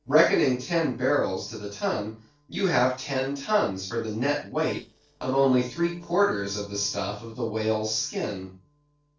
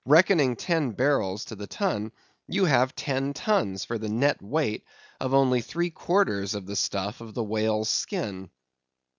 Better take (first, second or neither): second